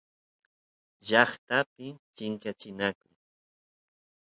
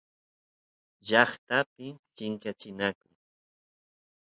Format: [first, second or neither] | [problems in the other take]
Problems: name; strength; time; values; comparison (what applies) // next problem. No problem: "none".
first | noise reduction (neural mask model Resemble Enhance denoiser)